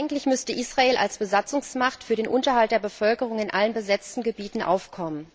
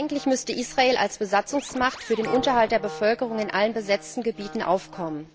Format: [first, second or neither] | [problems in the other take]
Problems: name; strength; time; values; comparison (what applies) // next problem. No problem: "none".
first | background sound (Scratching (performance technique) + Wind instrument, woodwind instrument); 16 dB below the speech